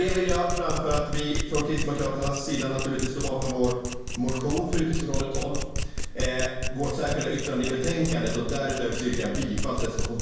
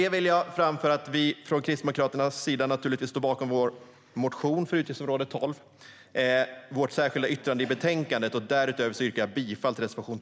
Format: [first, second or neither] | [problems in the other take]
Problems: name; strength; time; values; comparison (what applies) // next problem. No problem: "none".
second | background sound (Domestic sounds, home sounds); 2 dB below the speech // room echo; dies away in 1 s